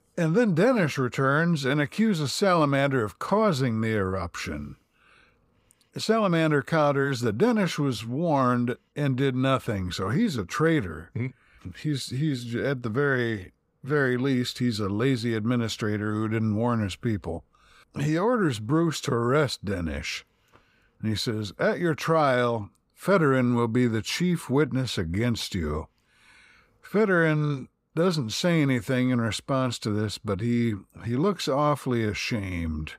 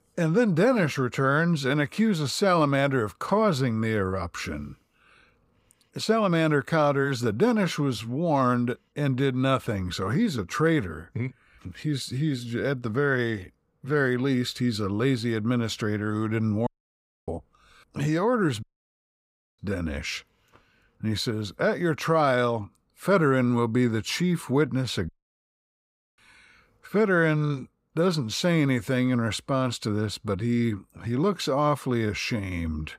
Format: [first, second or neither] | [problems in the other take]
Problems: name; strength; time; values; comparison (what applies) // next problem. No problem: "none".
first | audio cutting out; at 17 s for 0.5 s, at 19 s for 1 s and at 25 s for 1 s